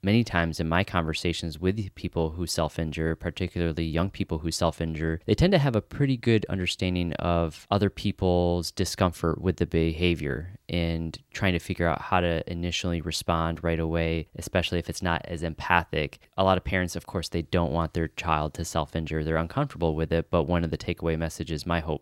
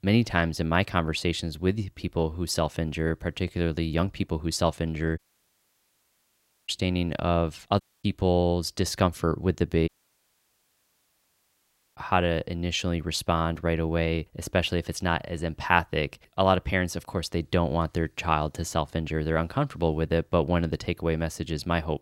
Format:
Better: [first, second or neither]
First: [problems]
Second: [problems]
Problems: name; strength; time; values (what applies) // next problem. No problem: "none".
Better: first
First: none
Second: audio cutting out; at 5 s for 1.5 s, at 8 s and at 10 s for 2 s